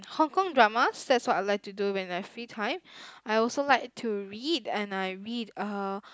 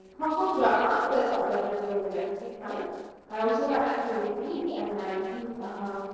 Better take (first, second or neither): first